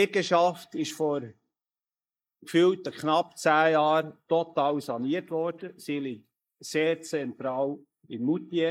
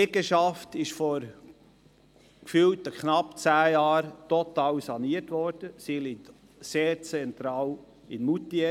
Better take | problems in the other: second | noise reduction (neural mask model Resemble Enhance denoiser)

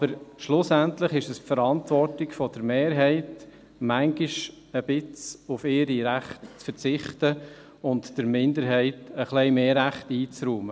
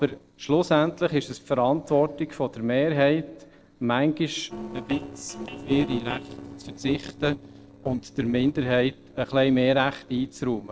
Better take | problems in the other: first | noise reduction (neural separator model SepFormer DNS4)

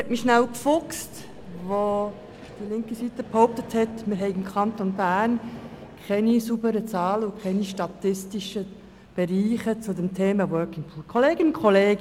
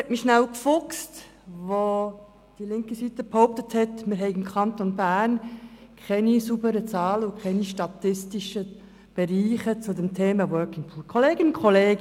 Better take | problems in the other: second | background sound (Vehicle + Piano); 19 dB below the speech

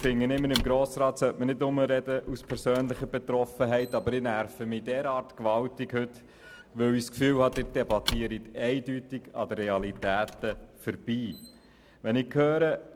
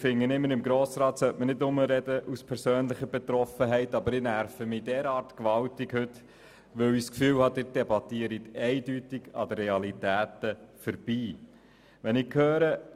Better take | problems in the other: second | background sound (Squeak / Wood); 14 dB below the speech

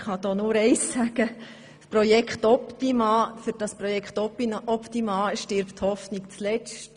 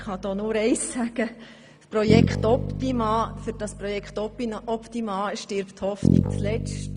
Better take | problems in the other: first | background sound (Bass guitar); 1 dB below the speech

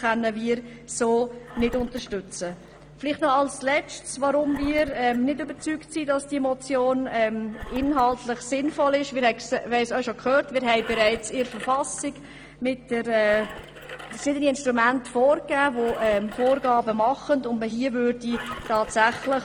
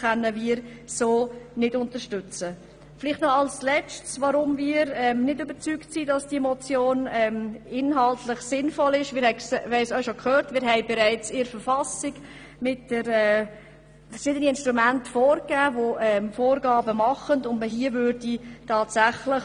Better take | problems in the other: second | background sound (Engine); 18 dB below the speech

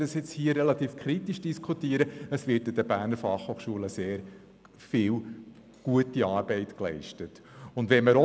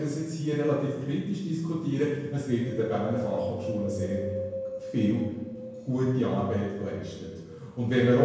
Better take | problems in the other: first | background sound (Wind); 11 dB below the speech // room echo; dies away in 1 s

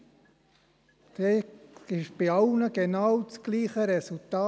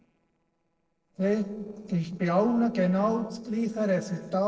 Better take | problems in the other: first | noise reduction (neural separator model SepFormer DNS4)

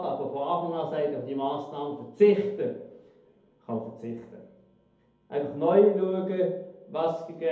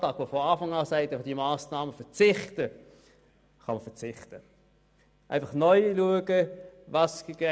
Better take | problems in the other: second | room echo; dies away in 1.9 s

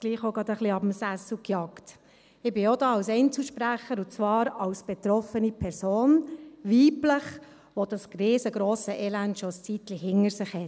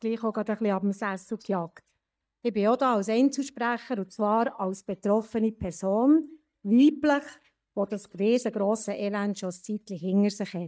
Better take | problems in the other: first | noise reduction (neural mask model DeepFilterNet 3)

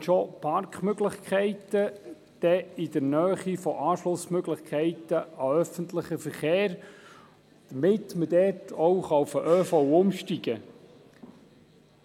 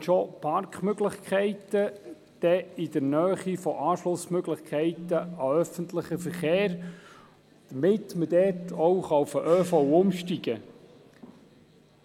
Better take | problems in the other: first | background sound (Telephone); 14 dB below the speech

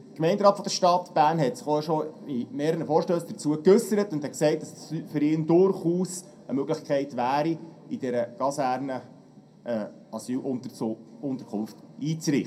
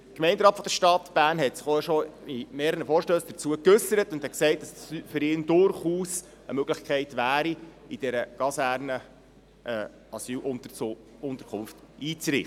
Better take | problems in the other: second | room echo; dies away in 0.2 s

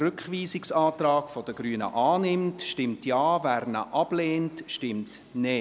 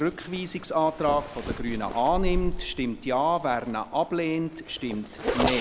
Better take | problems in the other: first | background sound (Zipper (clothing)); 5 dB below the speech

